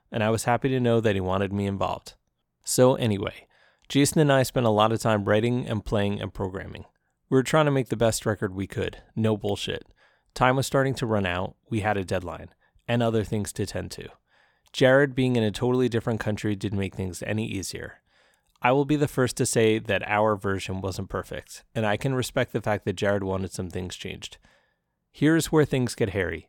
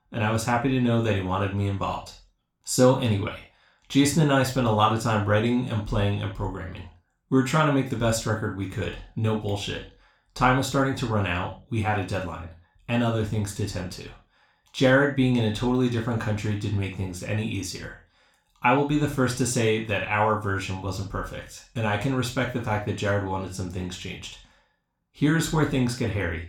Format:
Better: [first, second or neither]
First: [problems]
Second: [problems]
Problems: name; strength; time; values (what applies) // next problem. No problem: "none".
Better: first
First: none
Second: room echo; slight; dies away in 0.3 s // off-mic speech; somewhat distant